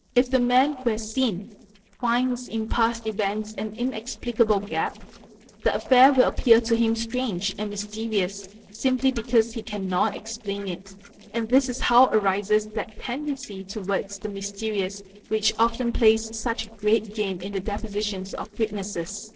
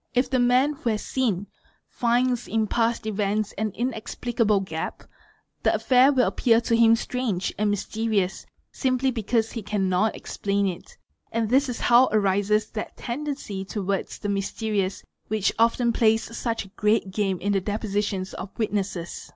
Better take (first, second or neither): second